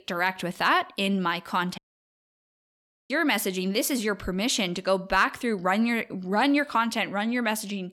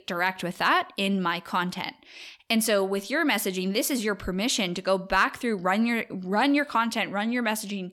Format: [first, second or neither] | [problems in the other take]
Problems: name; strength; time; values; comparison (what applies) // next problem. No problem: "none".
second | audio cutting out; at 2 s for 1.5 s